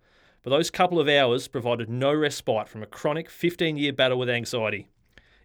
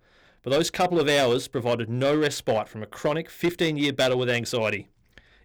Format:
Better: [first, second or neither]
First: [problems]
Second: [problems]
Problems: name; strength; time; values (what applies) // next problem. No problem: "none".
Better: first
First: none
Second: distortion; slight; 6% of the sound clipped